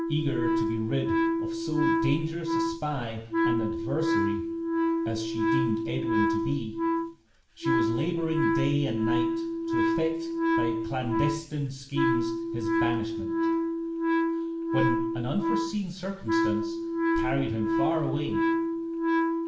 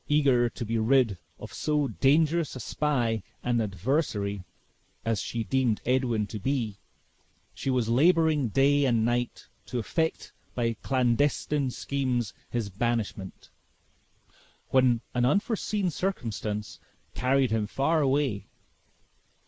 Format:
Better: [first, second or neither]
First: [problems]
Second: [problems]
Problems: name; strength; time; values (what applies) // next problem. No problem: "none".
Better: second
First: background sound (Wind instrument, woodwind instrument); 5 dB above the speech // room echo; dies away in 0.7 s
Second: none